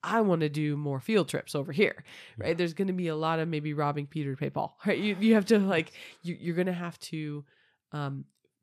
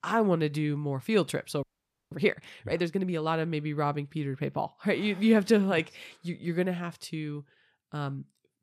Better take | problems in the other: first | audio freezing; at 1.5 s

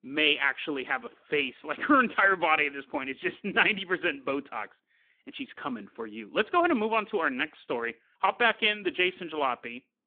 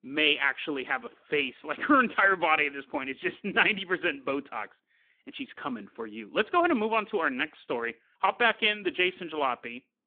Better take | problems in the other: neither | phone-call audio; nothing above 3.5 kHz; the same in both

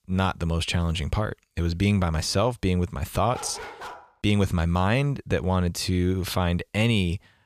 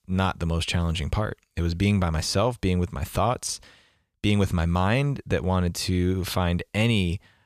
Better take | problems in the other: second | dog barking; faint; at 3.5 s; peak 10 dB below the speech

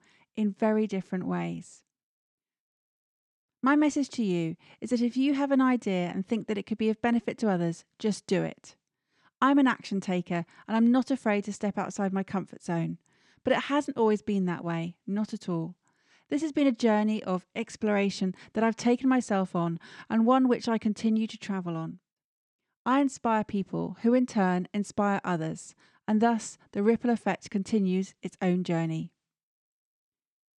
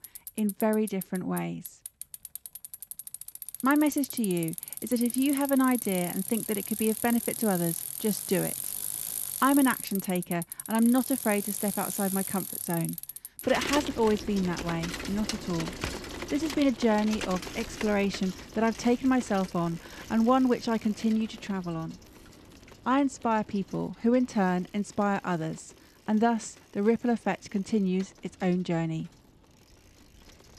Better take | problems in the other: first | traffic noise; loud; throughout; 7 dB below the speech

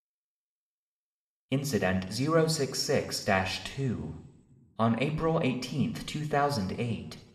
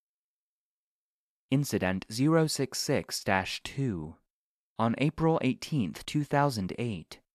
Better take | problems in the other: second | room echo; very slight; dies away in 0.8 s

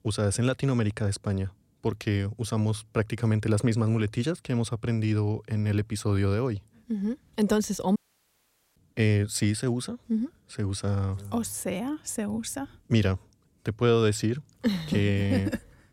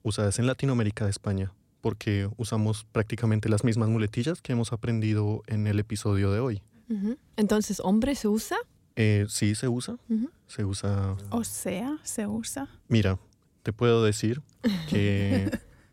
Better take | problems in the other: second | audio cutting out; at 8 s for 1 s

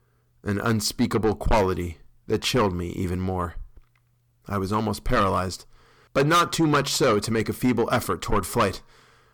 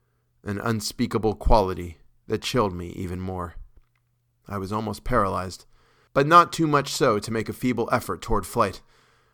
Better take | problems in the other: second | distortion; heavy; 6 dB below the speech

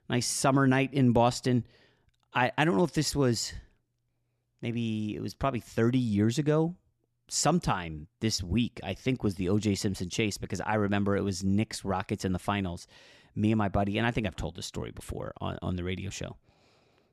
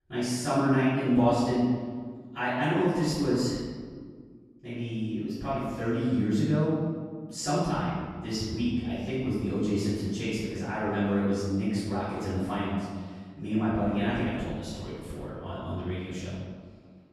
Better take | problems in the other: first | off-mic speech; far // room echo; strong; dies away in 1.5 s

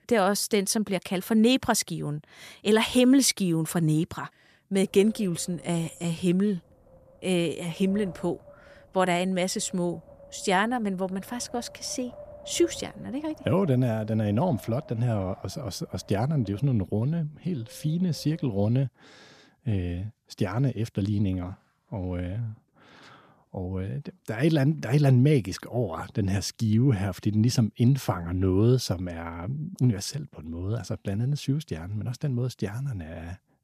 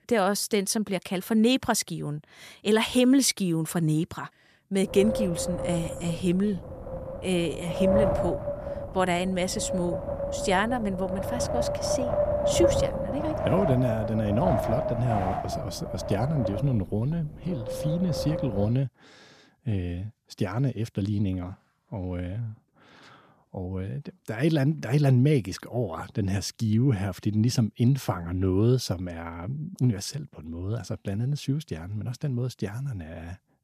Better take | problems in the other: first | wind noise on the microphone; heavy; from 5 to 19 s; 1 dB above the speech; occasional gusts in the first

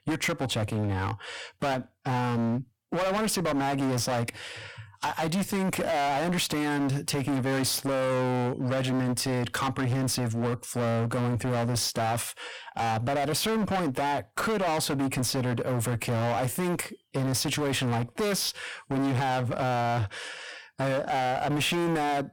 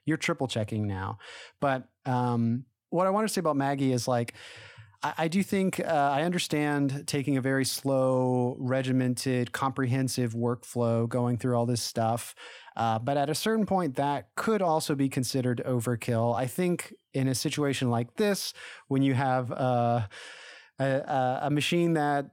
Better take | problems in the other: second | distortion; heavy; 30% of the sound clipped

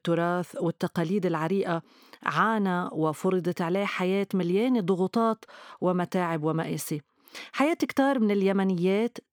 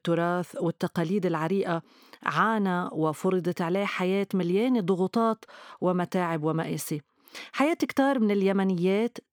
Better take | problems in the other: neither | none

